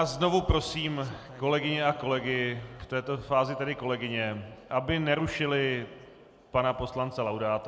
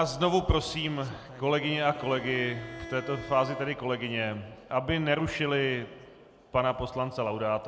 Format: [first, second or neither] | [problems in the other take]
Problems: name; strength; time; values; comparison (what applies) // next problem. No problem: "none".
first | background sound (Bowed string instrument); 16 dB below the speech